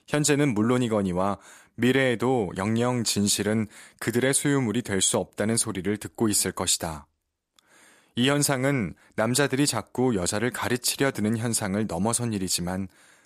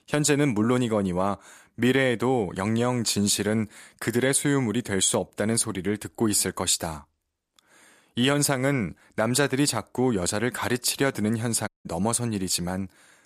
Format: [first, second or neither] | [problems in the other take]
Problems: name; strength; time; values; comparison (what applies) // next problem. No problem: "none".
first | audio cutting out; at 12 s